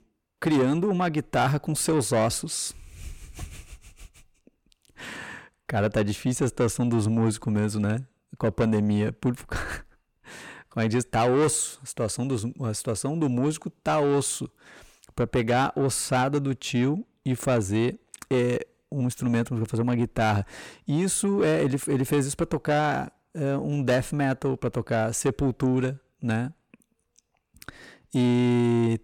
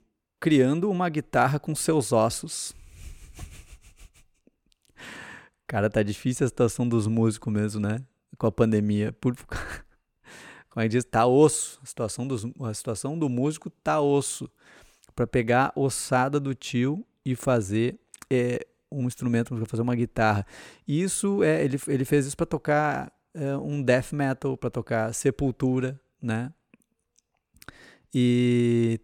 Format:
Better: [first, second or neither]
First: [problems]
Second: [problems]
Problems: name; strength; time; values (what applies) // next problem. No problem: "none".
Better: second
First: distortion; slight; 10 dB below the speech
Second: none